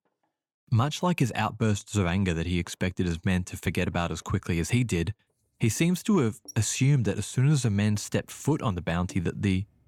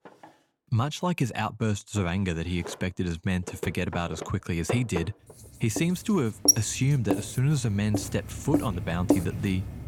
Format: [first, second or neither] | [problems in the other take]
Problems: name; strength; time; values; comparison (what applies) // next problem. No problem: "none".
first | household noises; loud; throughout; 1 dB below the speech; faint in the first